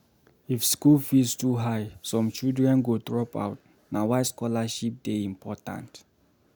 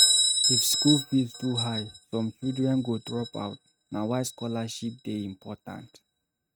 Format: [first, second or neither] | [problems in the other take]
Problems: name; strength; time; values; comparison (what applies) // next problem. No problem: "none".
first | noise reduction (neural mask model RNNoise)